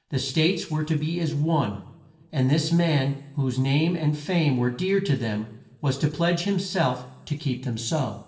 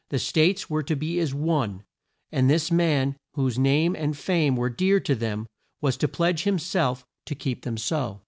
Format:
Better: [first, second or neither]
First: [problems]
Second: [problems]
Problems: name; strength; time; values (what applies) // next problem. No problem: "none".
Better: second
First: room echo; dies away in 0.9 s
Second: none